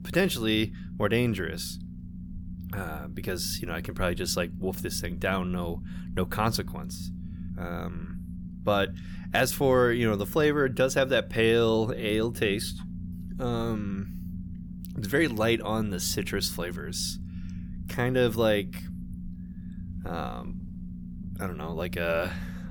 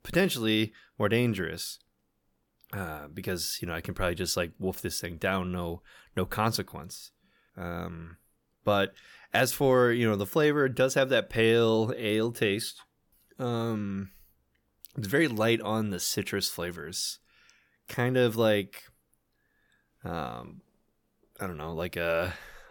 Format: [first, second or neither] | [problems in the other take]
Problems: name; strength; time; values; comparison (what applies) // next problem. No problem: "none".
second | low rumble; noticeable; throughout; 20 dB below the speech